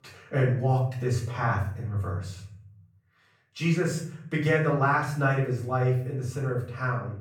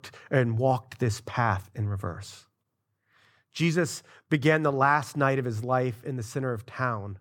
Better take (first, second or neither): second